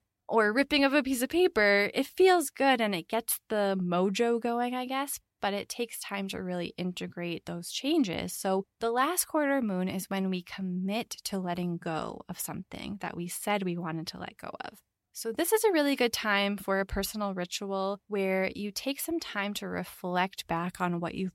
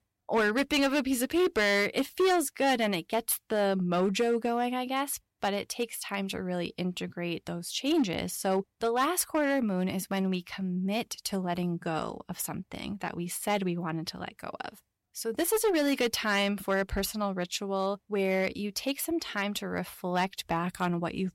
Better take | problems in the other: first | distortion; slight; 4% of the sound clipped

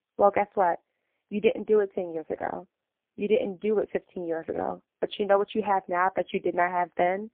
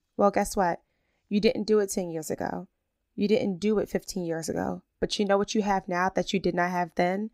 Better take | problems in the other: second | phone-call audio; poor line; nothing above 3.5 kHz

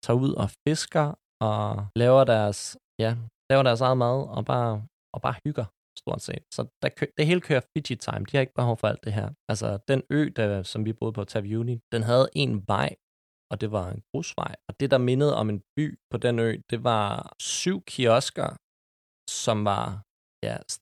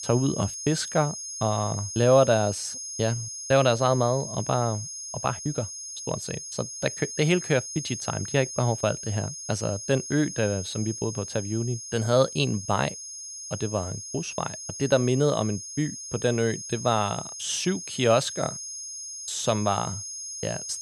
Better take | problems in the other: first | high-pitched whine; loud; throughout; 6.5 kHz, 8 dB below the speech

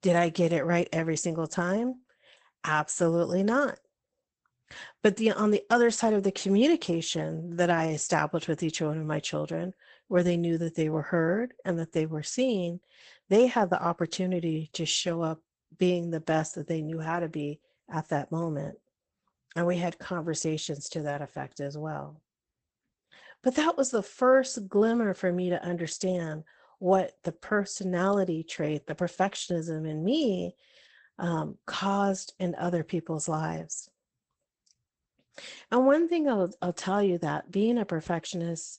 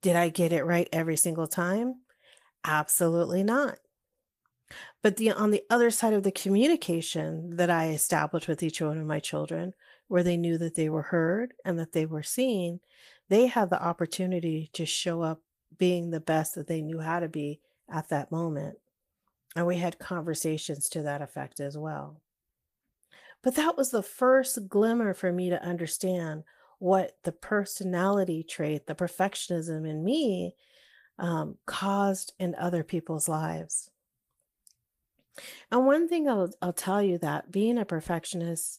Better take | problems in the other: second | garbled, watery; badly; nothing above 8 kHz; slightly in the second

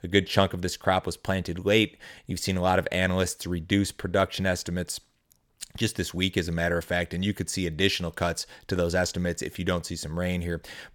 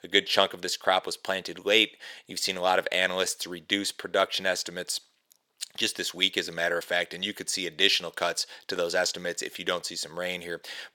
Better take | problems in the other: first | thin; somewhat; fading below 400 Hz

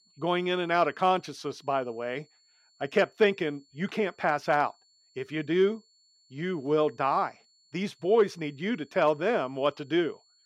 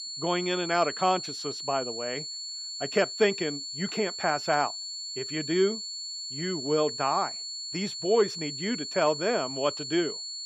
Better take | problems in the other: first | high-pitched whine; loud; throughout; 4.5 kHz, 5 dB below the speech; faint in the first

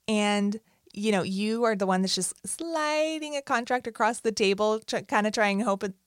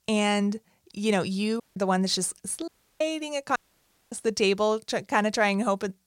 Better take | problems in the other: first | audio cutting out; at 1.5 s, at 2.5 s and at 3.5 s for 0.5 s

